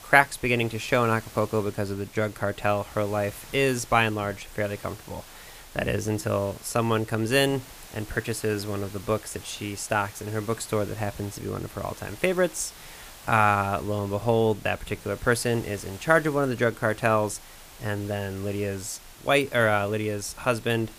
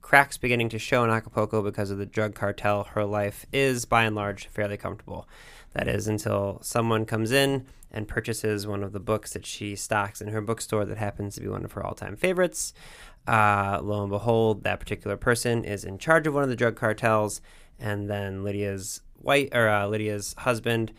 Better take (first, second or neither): second